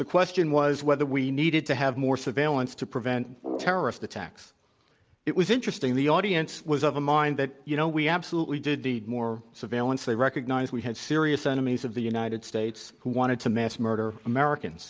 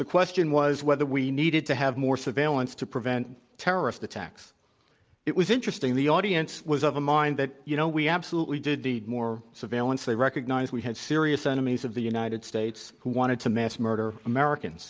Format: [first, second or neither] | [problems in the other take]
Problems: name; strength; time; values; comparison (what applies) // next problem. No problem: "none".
second | background sound (Brass instrument); 12 dB below the speech